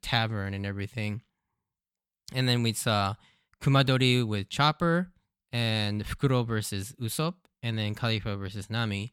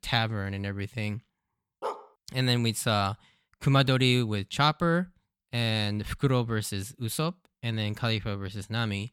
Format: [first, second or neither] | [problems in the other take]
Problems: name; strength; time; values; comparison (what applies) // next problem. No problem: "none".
first | dog barking; noticeable; at 2 s; peak 9 dB below the speech